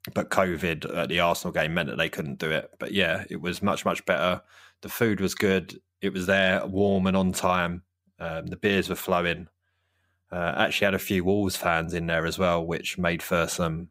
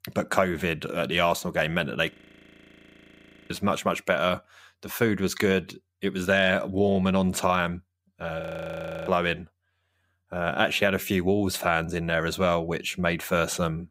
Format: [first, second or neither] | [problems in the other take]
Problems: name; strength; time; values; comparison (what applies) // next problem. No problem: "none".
first | audio freezing; at 2 s for 1.5 s and at 8.5 s for 0.5 s